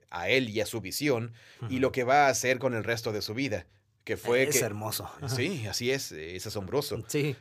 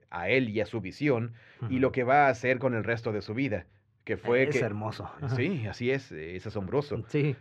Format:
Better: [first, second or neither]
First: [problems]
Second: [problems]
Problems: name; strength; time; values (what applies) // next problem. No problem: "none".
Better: first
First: none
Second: muffled; very; fading above 2 kHz